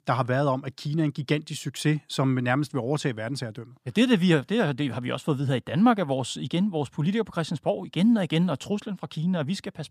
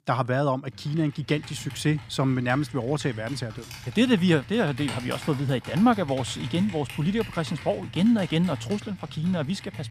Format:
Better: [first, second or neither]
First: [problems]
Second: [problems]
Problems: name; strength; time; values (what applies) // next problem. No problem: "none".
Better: first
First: none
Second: keyboard typing; noticeable; from 0.5 s on; peak 9 dB below the speech